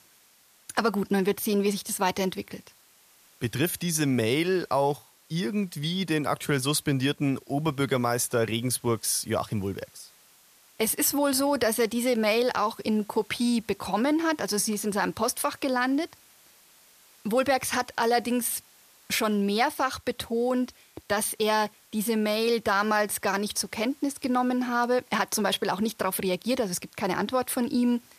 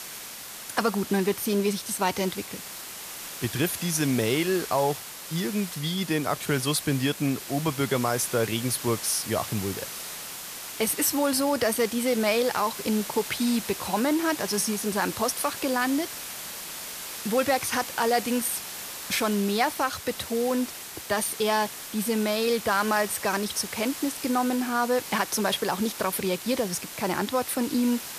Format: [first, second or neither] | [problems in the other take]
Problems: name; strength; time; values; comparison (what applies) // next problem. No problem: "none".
first | hiss; loud; throughout; 9 dB below the speech; faint in the first